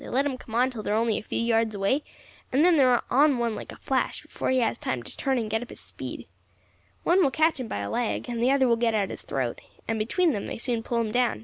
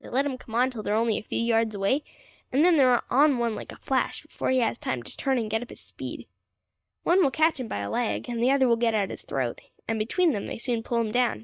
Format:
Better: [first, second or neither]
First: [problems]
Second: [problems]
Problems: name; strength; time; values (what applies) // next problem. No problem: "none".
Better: first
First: none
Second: noise reduction (neural mask model DeepFilterNet 3)